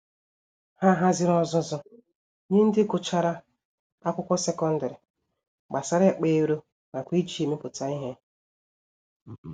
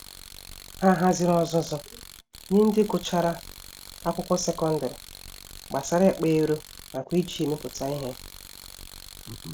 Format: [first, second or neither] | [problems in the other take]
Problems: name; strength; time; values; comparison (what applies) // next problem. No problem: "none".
first | background sound (Tools); 17 dB below the speech